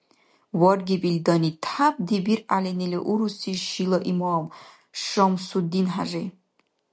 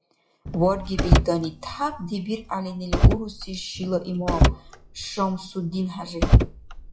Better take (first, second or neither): first